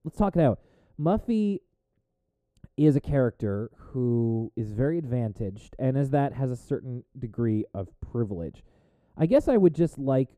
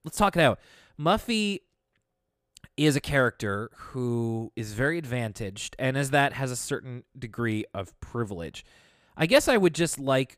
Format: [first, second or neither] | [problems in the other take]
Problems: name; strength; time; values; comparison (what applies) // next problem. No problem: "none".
second | muffled; very; fading above 1 kHz